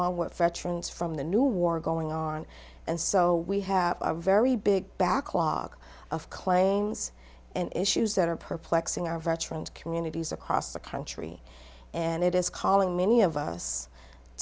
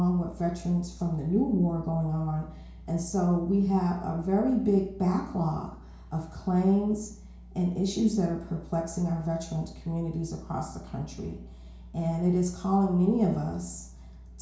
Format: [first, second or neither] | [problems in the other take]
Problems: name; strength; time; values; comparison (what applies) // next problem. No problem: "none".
first | room echo; dies away in 0.6 s